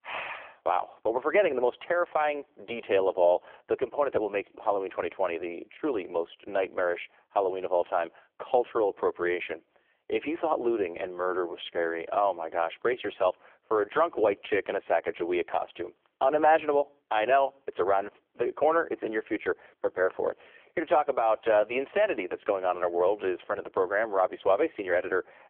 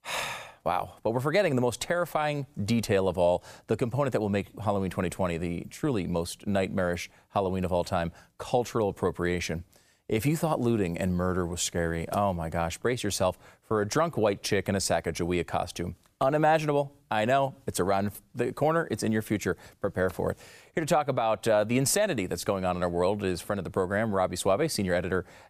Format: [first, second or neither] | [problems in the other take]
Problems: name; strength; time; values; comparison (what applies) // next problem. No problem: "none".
second | phone-call audio; poor line; nothing above 3.5 kHz